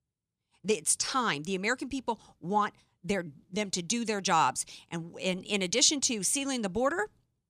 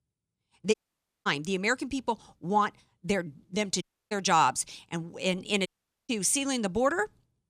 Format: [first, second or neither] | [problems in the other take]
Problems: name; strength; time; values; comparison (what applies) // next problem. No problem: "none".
first | audio cutting out; at 0.5 s for 0.5 s, at 4 s and at 5.5 s